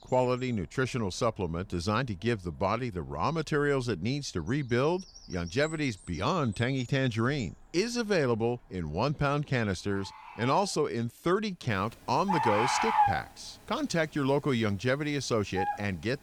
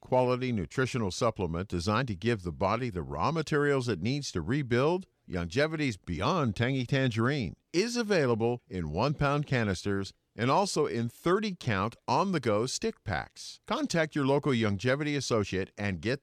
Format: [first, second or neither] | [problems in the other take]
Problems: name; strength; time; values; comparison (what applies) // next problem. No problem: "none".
second | animal sounds; loud; throughout; 2 dB below the speech